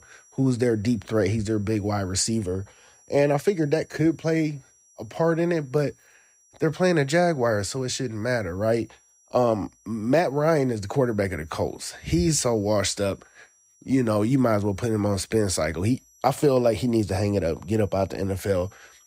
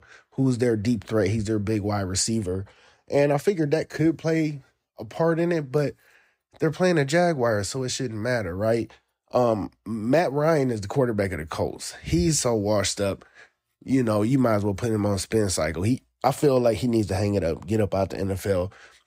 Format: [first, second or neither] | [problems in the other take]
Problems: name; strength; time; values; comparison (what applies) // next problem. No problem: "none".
second | high-pitched whine; faint; throughout; 6 kHz, 30 dB below the speech